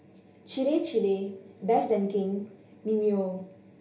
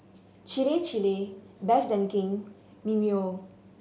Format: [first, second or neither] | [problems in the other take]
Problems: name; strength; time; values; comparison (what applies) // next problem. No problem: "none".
second | room echo; dies away in 0.3 s